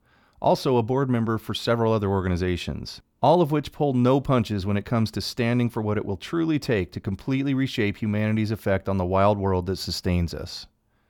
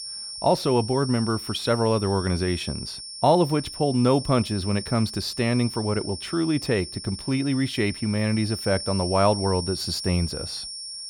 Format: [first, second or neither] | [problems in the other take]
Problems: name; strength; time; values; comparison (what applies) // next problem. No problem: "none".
first | high-pitched whine; loud; throughout; 5.5 kHz, 9 dB below the speech